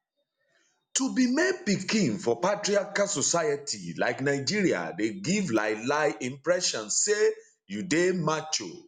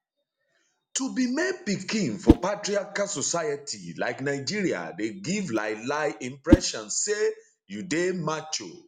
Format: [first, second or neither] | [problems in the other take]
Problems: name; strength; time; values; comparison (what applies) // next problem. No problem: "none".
first | background sound (Whoosh, swoosh, swish); 1 dB above the speech